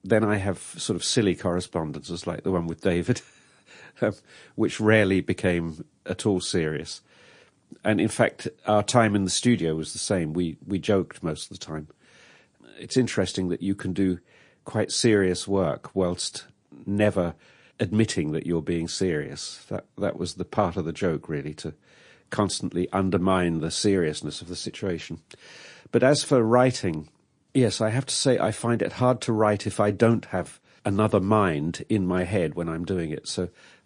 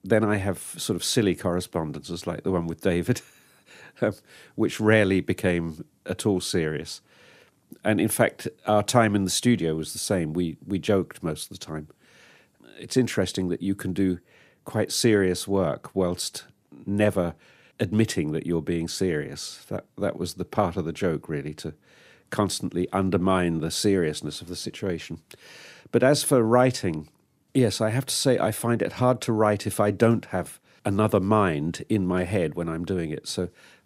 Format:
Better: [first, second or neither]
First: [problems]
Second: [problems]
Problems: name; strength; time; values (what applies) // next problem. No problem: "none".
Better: second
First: garbled, watery; slightly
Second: none